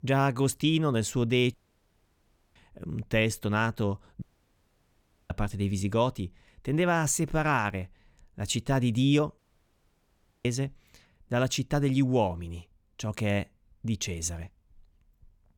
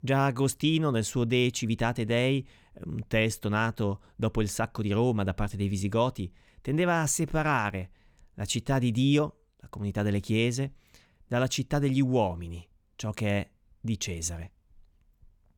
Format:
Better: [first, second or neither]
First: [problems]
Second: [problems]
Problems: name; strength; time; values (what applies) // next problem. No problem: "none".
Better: second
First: audio cutting out; at 1.5 s for 1 s, at 4 s for 1 s and at 9.5 s for 1 s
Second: none